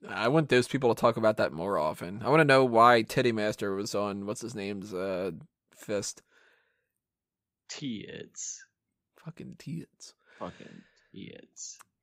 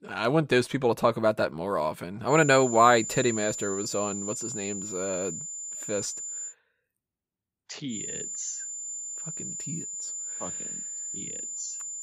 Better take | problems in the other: first | high-pitched whine; loud; from 2.5 to 6.5 s and from 8 s on; 7 kHz, 7 dB below the speech

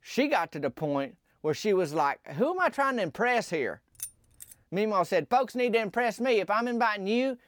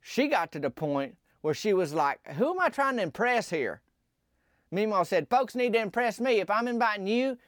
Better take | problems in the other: second | jangling keys; faint; at 4 s; peak 10 dB below the speech

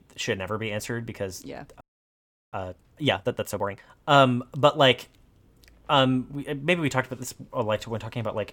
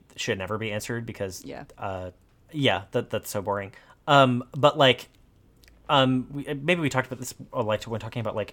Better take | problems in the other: second | audio freezing; at 2 s for 0.5 s

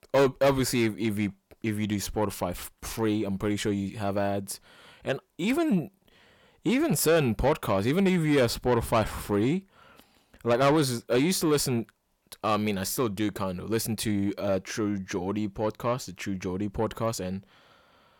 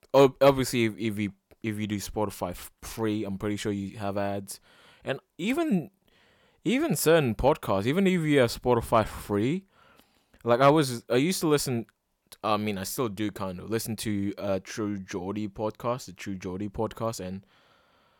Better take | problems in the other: second | distortion; slight; 10 dB below the speech

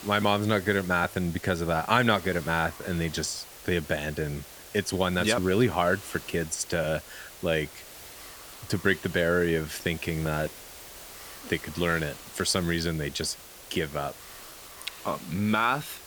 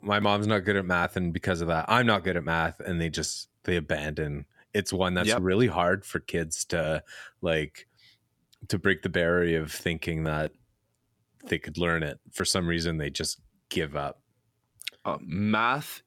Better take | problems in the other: second | hiss; noticeable; throughout; 15 dB below the speech

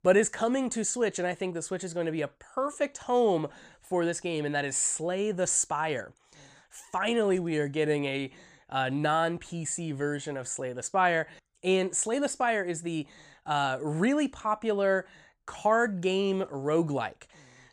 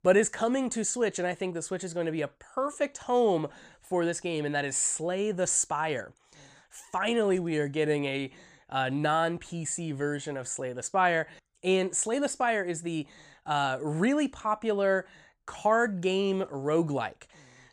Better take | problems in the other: neither | none

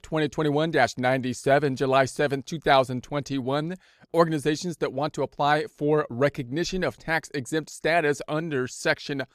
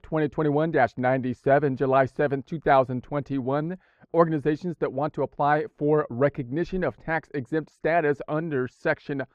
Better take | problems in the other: first | muffled; very; fading above 3.5 kHz

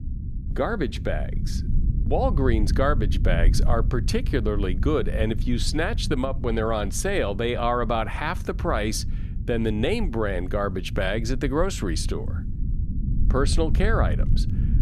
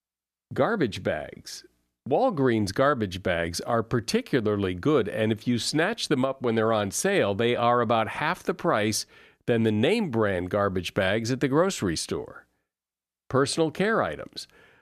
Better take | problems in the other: second | low rumble; noticeable; throughout; 15 dB below the speech

